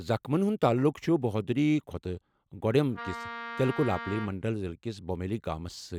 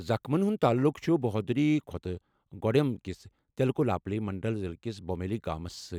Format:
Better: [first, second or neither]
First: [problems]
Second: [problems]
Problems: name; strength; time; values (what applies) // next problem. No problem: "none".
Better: second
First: background sound (Wind instrument, woodwind instrument); 11 dB below the speech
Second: none